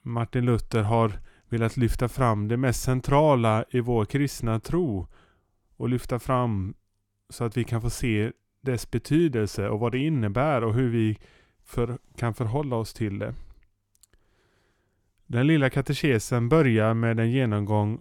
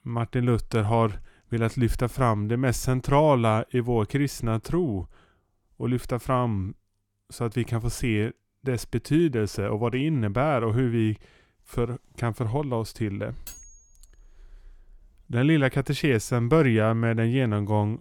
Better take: first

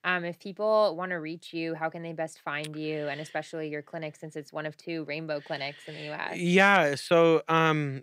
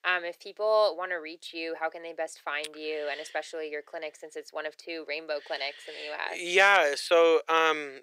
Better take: first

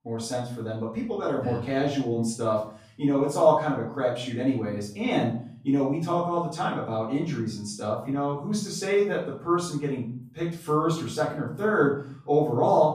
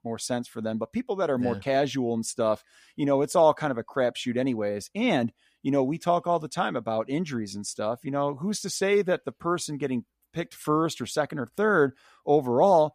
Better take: second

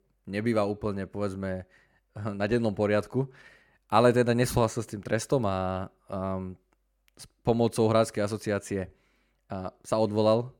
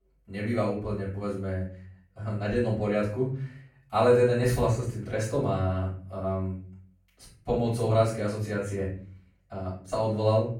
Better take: first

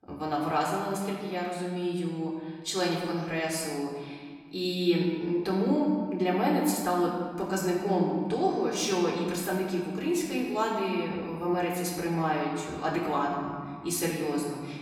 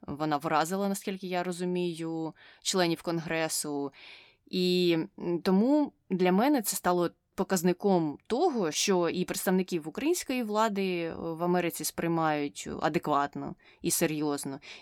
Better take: second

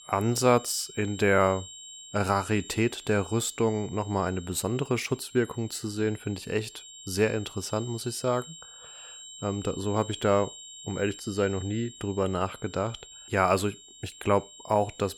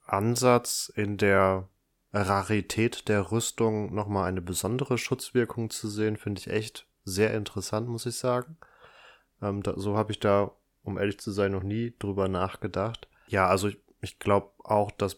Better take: second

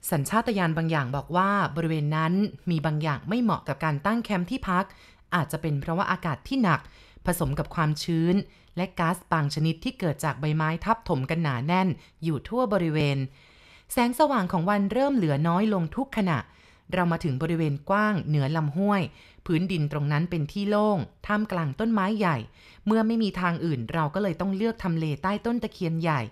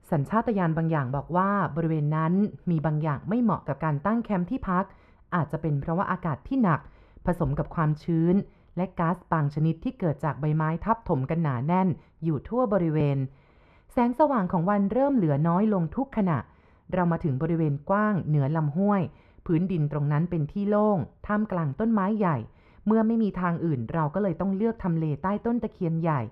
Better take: first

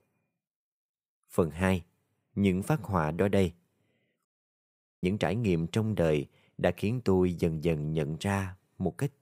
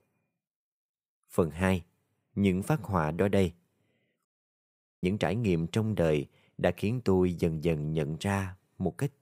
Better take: neither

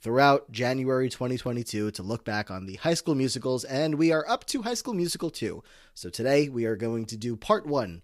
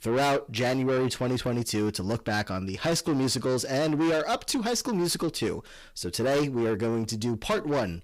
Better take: first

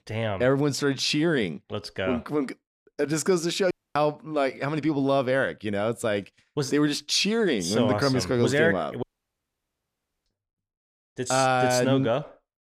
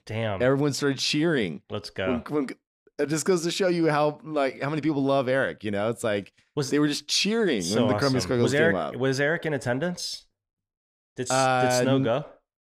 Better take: second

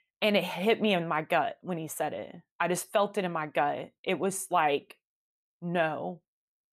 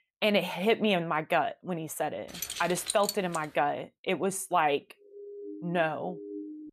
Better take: first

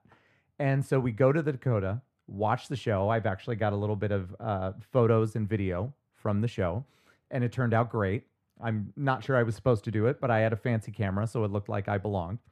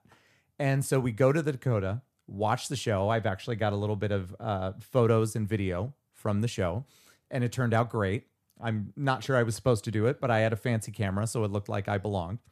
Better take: second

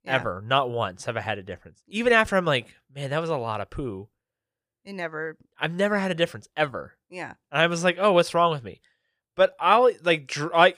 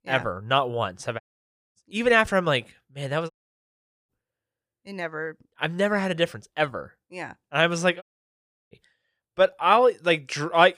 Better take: first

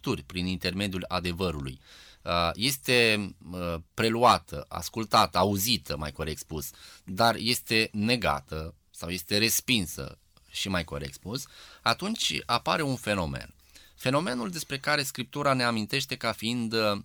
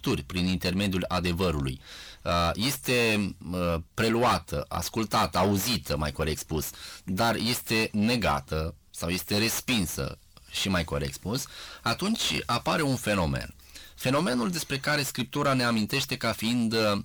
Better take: first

